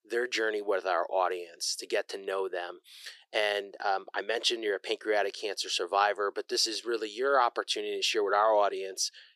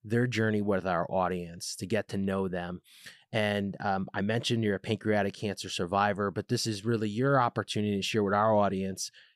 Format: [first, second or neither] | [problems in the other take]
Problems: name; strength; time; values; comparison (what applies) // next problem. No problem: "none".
second | thin; very; fading below 350 Hz